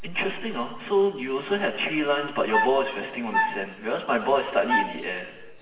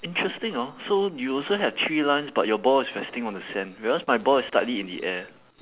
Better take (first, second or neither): second